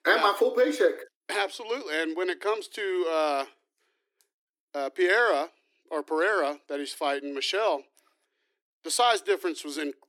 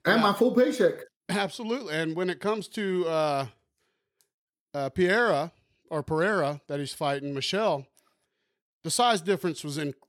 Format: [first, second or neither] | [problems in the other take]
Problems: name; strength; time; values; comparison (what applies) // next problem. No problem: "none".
second | thin; somewhat; fading below 300 Hz